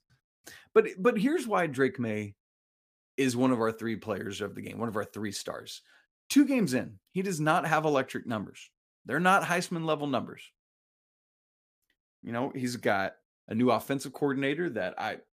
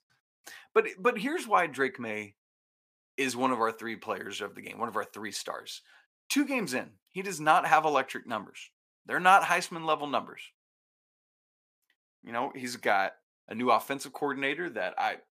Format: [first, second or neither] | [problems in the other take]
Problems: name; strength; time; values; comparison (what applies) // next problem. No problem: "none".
first | thin; somewhat; fading below 500 Hz